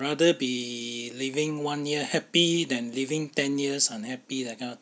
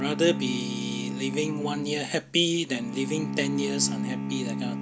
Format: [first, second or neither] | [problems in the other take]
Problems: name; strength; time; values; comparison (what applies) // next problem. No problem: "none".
first | background sound (Bowed string instrument); 4 dB below the speech